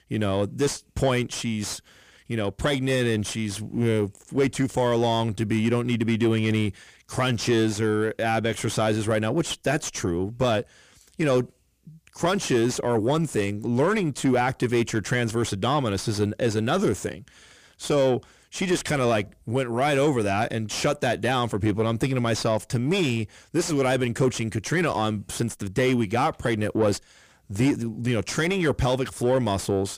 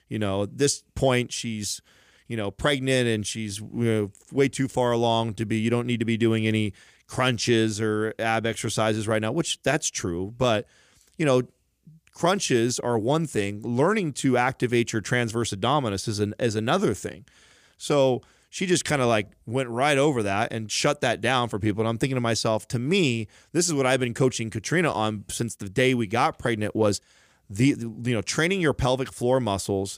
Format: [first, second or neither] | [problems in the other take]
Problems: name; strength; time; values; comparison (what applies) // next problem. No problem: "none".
second | distortion; slight; 10 dB below the speech